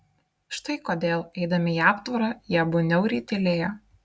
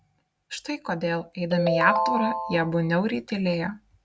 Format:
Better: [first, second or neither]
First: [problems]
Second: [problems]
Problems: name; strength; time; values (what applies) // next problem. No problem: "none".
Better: first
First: none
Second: background sound (Ringtone); as loud as the speech